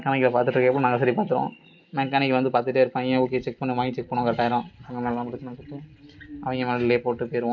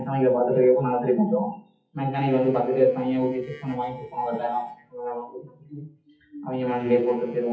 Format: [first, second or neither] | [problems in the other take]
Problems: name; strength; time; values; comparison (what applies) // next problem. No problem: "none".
first | noise reduction (classical method WPE with log-MMSE)